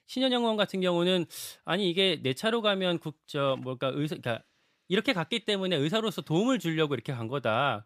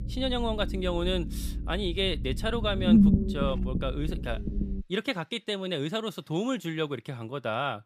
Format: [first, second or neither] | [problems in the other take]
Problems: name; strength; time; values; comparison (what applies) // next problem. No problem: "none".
first | low rumble; loud; until 5 s; 3 dB below the speech